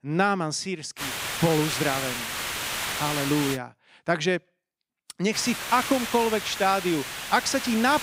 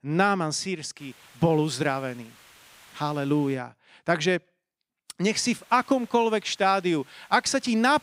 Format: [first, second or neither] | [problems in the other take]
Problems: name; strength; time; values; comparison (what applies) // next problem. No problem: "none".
second | hiss; loud; from 1 to 3.5 s and from 5.5 s on; 4 dB below the speech; faint in the second